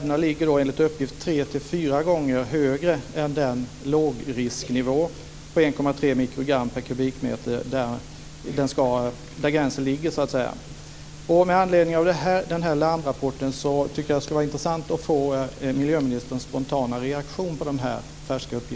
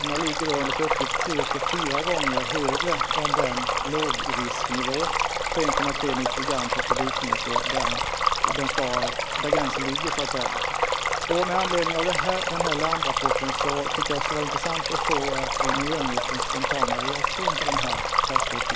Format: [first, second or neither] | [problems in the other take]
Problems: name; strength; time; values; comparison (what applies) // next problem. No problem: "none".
first | background sound (Stream); 5 dB above the speech